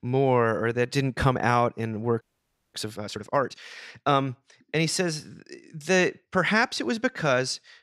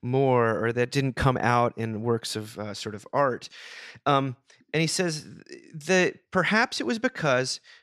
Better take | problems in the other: second | audio freezing; at 2 s for 0.5 s

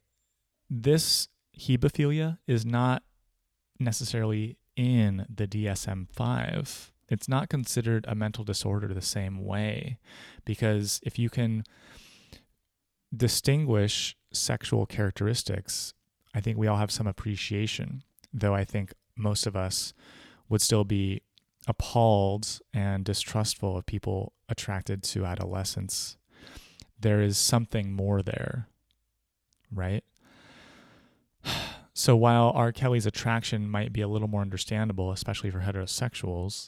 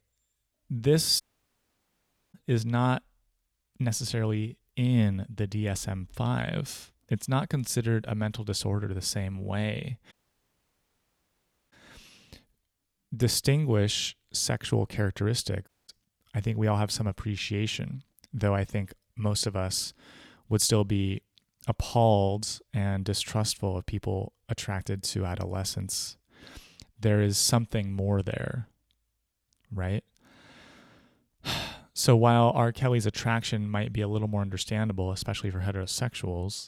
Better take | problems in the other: first | audio cutting out; at 1 s for 1 s, at 10 s for 1.5 s and at 16 s

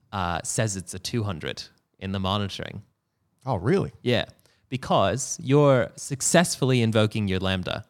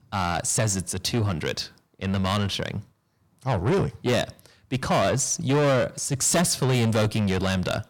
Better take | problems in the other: first | distortion; heavy; 6 dB below the speech

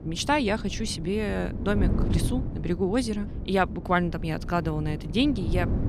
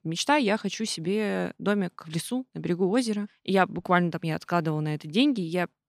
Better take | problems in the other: second | wind noise on the microphone; occasional gusts; 15 dB below the speech

